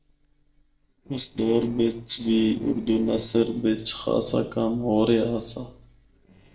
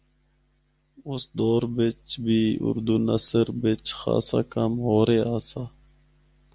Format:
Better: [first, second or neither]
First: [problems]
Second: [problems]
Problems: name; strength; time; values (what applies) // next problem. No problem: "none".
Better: second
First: noise reduction (neural separator model SepFormer DNS4)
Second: none